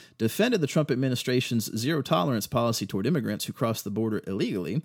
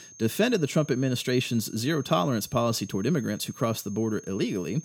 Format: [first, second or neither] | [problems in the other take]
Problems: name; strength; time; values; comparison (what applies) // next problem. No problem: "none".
first | high-pitched whine; noticeable; throughout; 6.5 kHz, 20 dB below the speech